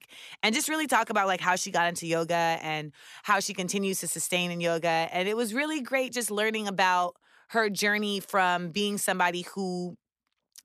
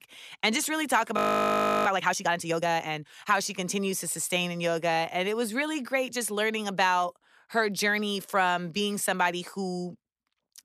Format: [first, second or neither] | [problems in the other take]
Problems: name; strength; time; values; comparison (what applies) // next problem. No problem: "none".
first | audio freezing; at 1 s for 0.5 s